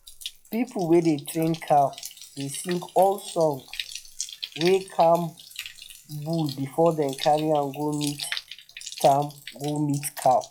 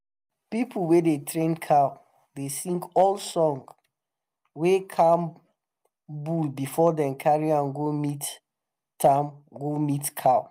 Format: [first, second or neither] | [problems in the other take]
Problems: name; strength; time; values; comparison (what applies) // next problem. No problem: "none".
second | noise reduction (classical method log-MMSE)